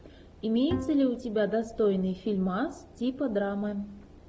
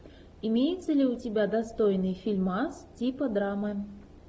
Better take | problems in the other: second | background sound (Bowed string instrument); 9 dB below the speech

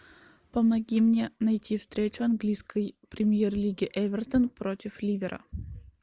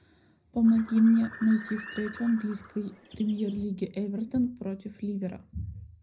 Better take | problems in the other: first | background sound (Bird); 17 dB below the speech // room echo; dies away in 0.4 s

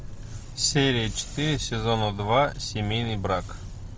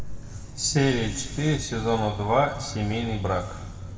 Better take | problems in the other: first | room echo; dies away in 1.9 s

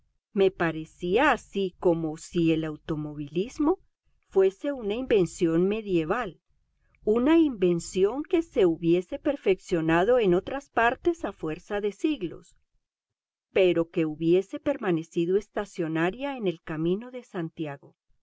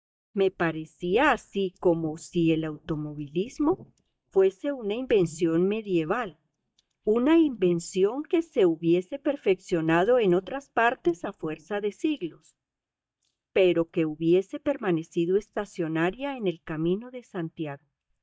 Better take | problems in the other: first | noise reduction (neural mask model DeepFilterNet 3)

